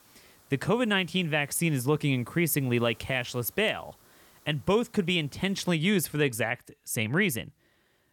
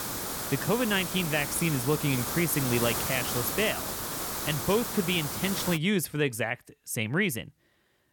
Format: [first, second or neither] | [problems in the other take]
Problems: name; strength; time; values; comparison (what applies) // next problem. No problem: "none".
first | hiss; loud; until 6 s; 3 dB below the speech; faint in the first